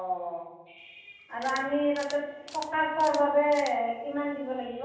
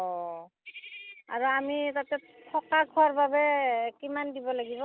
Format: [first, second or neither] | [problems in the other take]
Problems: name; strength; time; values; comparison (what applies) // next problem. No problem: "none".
second | background sound (Camera); 20 dB below the speech // room echo; dies away in 1.2 s